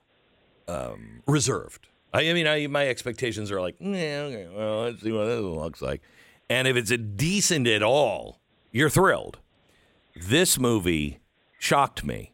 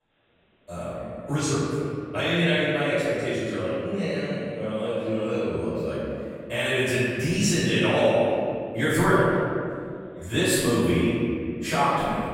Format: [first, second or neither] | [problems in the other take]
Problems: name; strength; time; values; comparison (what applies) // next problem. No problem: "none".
first | off-mic speech; far // room echo; strong; dies away in 2.4 s